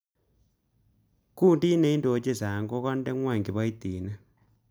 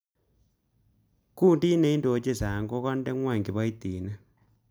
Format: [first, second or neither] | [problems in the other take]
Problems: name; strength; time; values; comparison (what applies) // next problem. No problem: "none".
first | background sound (Bass drum); 18 dB below the speech